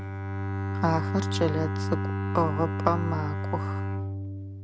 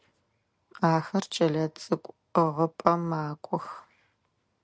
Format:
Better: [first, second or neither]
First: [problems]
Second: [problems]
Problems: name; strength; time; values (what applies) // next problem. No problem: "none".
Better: second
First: background sound (Bowed string instrument); 1 dB above the speech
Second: none